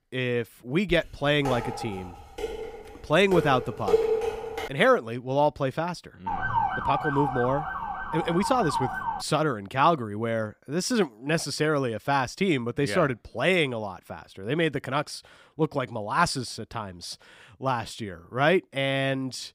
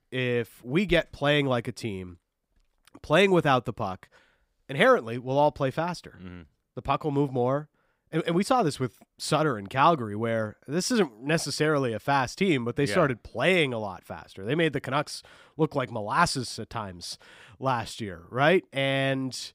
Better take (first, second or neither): second